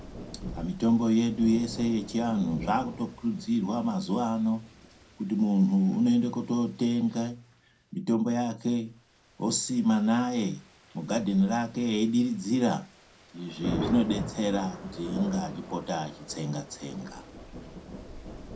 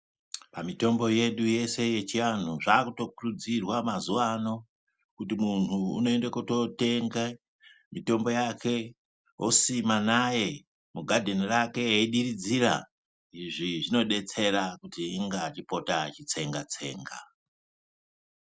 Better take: second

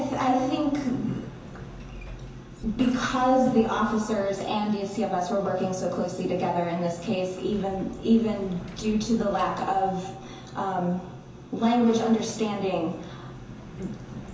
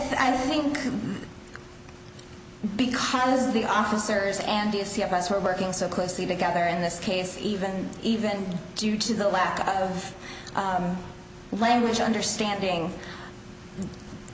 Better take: second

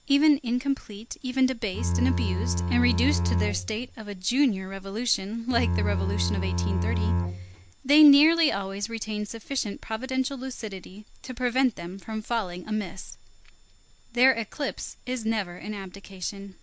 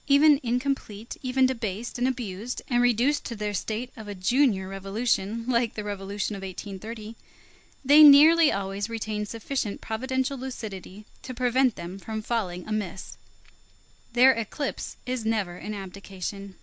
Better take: second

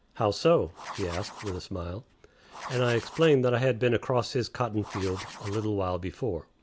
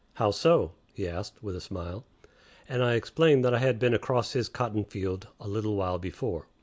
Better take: second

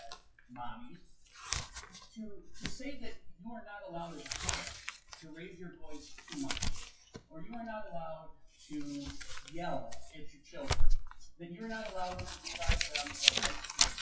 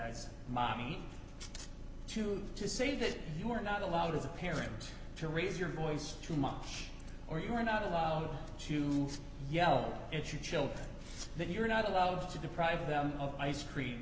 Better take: second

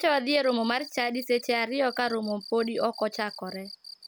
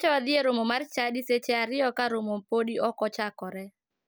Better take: second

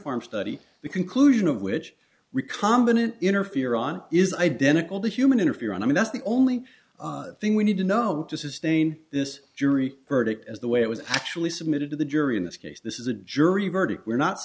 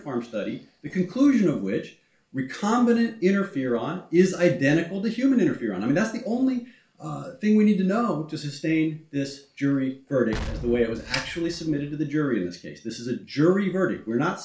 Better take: first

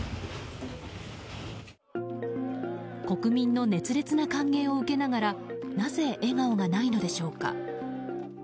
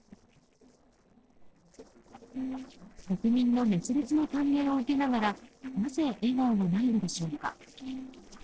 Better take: first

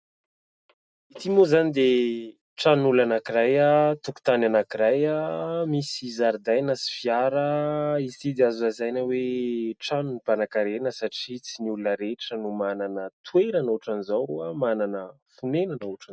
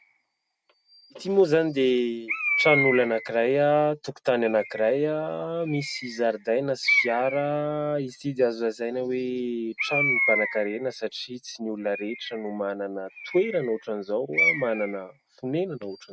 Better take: first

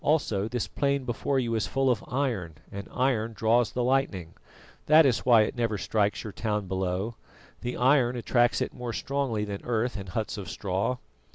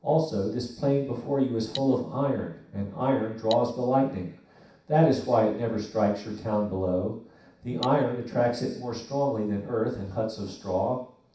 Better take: first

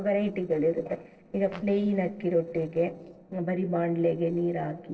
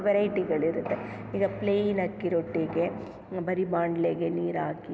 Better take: second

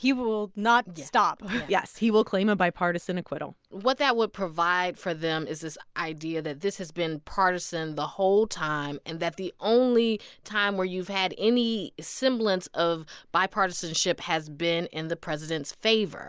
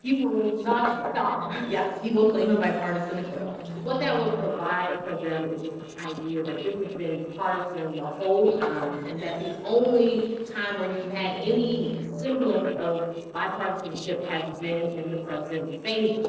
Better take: first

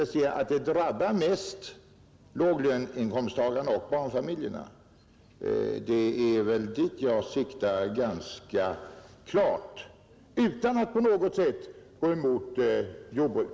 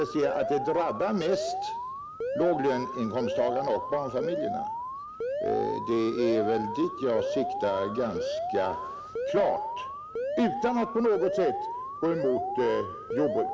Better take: first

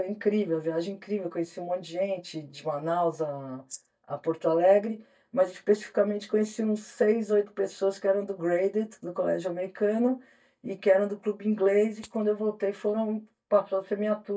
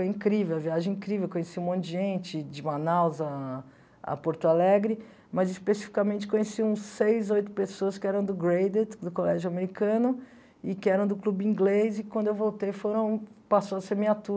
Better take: second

